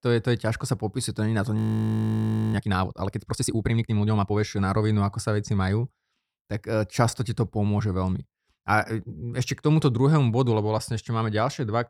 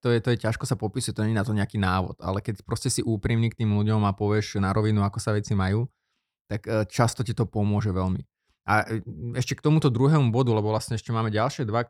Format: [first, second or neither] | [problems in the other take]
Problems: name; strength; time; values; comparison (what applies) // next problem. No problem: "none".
second | audio freezing; at 1.5 s for 1 s